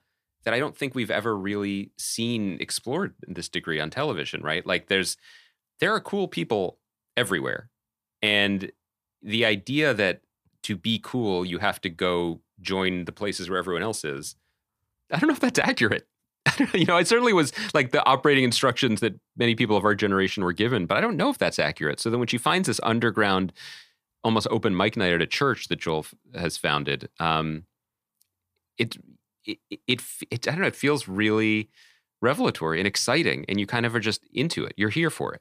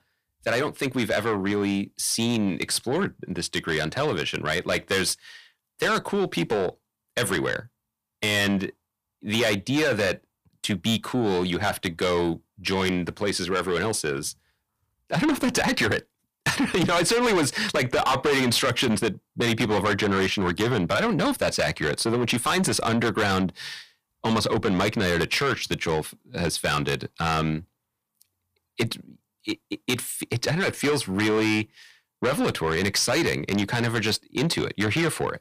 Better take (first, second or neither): first